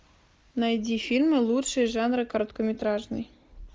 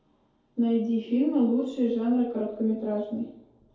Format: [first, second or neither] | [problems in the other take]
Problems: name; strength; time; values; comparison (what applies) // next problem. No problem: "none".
first | room echo; dies away in 2.3 s